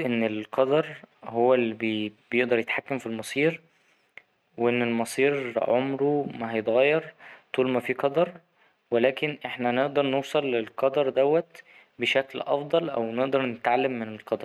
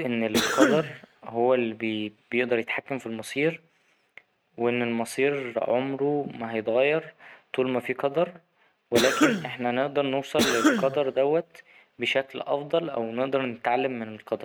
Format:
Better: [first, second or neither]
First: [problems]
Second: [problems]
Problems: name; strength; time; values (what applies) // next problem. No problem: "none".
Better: first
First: none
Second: background sound (Cough); 1 dB above the speech